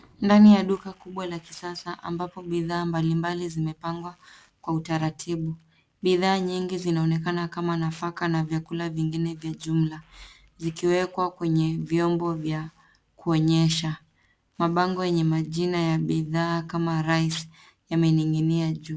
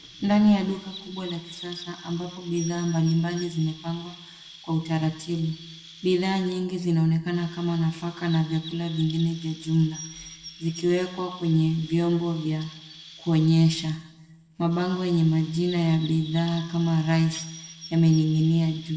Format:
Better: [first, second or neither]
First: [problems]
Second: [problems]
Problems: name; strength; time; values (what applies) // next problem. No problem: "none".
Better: first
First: none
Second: background sound (Chirp, tweet); 19 dB below the speech // room echo; dies away in 0.8 s